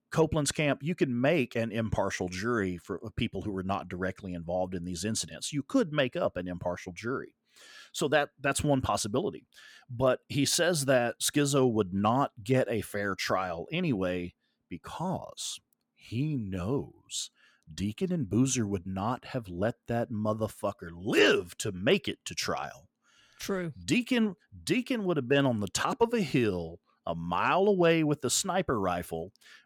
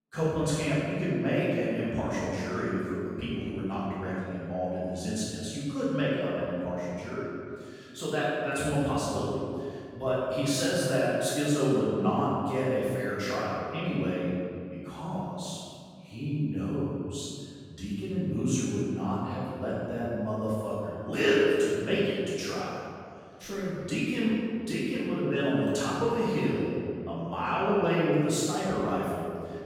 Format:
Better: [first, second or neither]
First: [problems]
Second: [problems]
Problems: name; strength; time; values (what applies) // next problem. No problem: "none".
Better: first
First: none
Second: room echo; strong; dies away in 2 s // off-mic speech; far